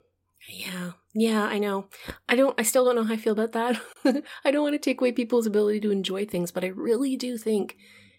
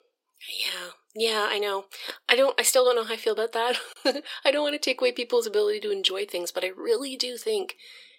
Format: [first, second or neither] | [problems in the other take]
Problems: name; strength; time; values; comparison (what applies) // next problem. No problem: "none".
first | thin; somewhat; fading below 350 Hz